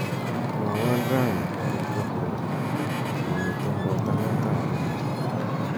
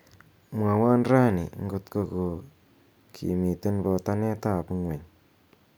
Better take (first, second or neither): second